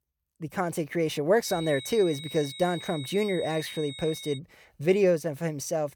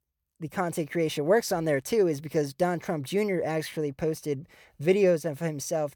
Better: second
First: high-pitched whine; noticeable; from 1.5 to 4.5 s; 4 kHz, 10 dB below the speech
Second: none

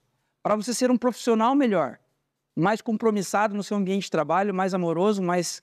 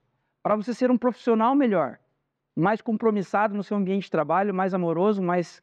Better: first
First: none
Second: muffled; very; fading above 2.5 kHz

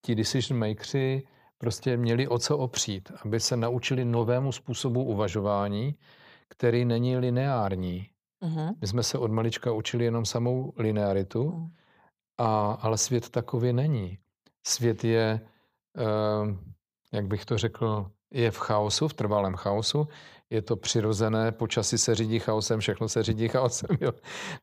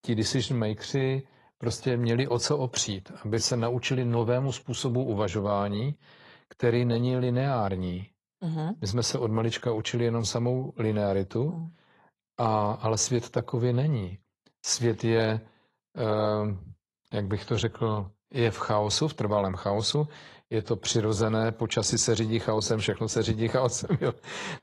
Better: first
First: none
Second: garbled, watery; slightly; nothing above 11 kHz

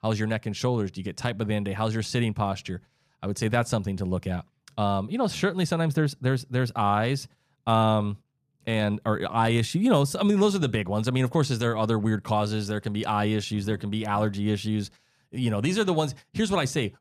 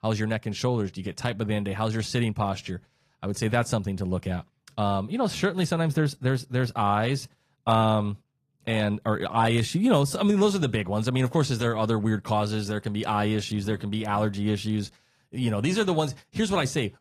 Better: first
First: none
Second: garbled, watery; slightly; nothing above 15 kHz

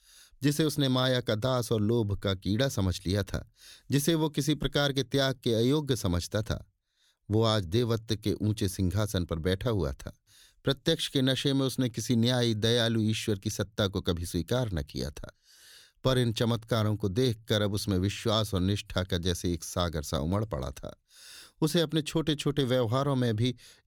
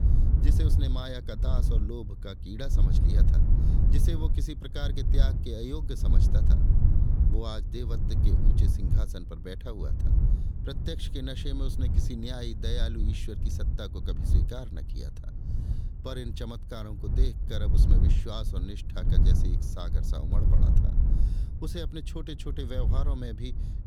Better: first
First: none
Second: wind noise on the microphone; heavy; 3 dB below the speech

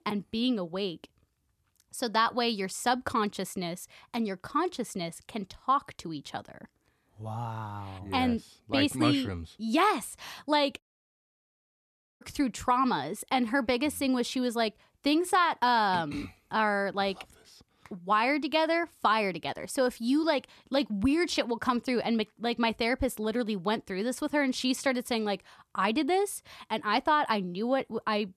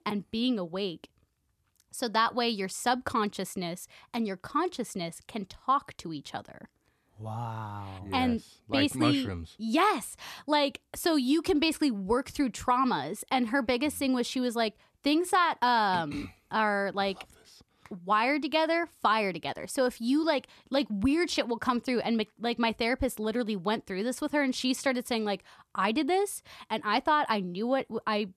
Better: second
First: audio cutting out; at 11 s for 1.5 s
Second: none

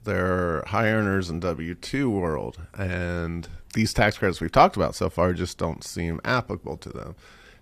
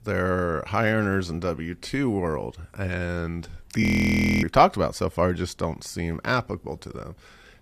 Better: first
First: none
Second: audio freezing; at 4 s for 0.5 s

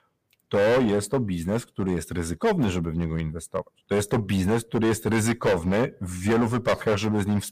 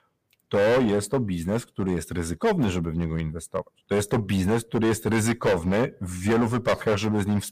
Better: neither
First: distortion; heavy; 10% of the sound clipped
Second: distortion; heavy; 10% of the sound clipped

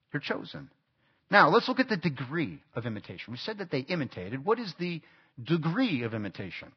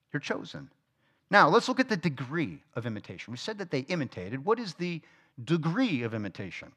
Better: second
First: garbled, watery; badly; nothing above 5 kHz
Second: none

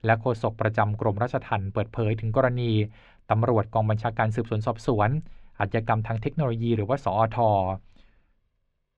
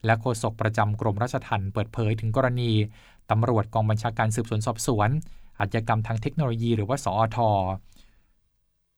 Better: second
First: muffled; slightly; fading above 2.5 kHz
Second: none

